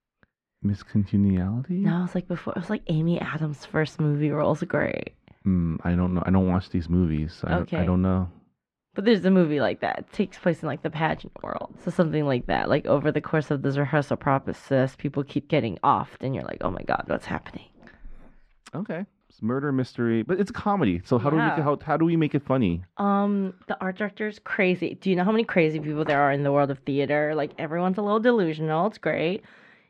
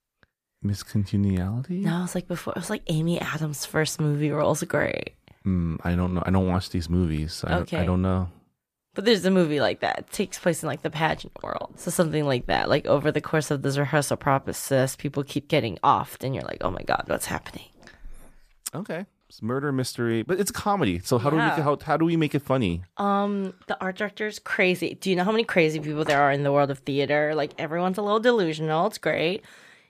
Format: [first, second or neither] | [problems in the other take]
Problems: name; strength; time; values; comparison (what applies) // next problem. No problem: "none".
second | muffled; slightly; fading above 2.5 kHz